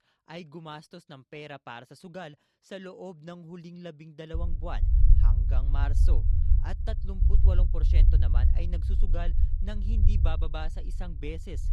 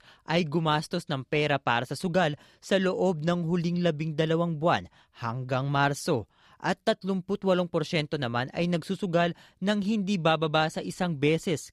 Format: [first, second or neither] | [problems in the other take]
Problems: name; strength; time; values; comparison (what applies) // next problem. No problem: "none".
second | low rumble; loud; from 4.5 s on; 4 dB below the speech